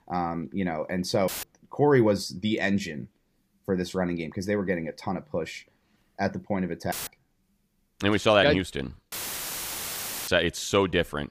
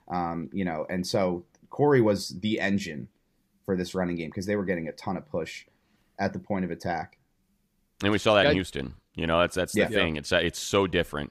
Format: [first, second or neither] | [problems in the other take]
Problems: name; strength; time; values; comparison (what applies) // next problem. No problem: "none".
second | audio cutting out; filled with static; at 1.5 s, at 7 s and at 9 s for 1 s